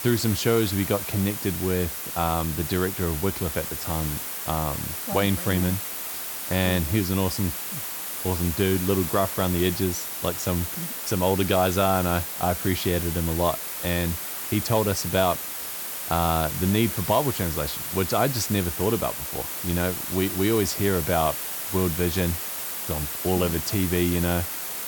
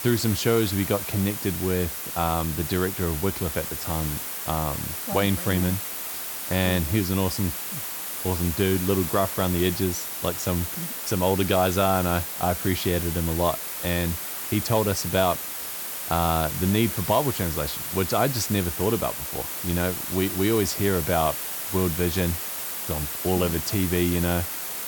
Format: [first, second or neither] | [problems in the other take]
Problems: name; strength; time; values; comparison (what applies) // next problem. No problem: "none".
neither | hiss; loud; throughout; 3 dB below the speech; the same in both